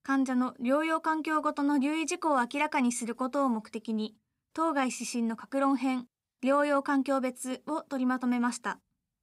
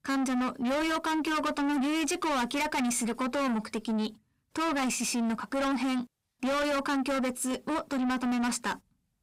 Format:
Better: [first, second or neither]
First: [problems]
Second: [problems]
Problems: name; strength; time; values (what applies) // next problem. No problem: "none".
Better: first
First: none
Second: distortion; heavy; 6 dB below the speech